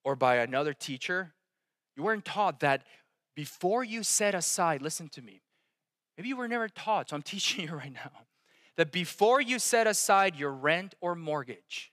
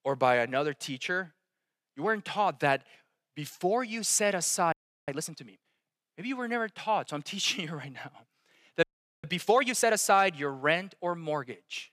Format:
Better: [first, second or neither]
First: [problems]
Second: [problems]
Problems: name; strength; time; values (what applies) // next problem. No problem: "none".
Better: first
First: none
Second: audio freezing; at 4.5 s and at 9 s